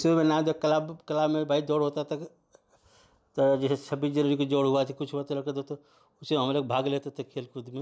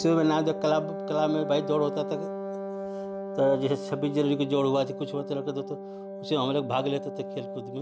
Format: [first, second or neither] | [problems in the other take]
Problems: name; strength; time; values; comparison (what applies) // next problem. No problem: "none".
first | background sound (Wind instrument, woodwind instrument); 8 dB below the speech